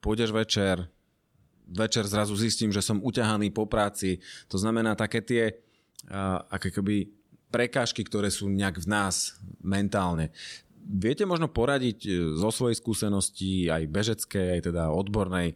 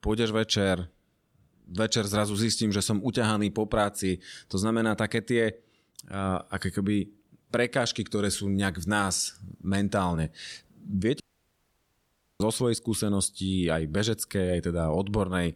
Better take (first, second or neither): first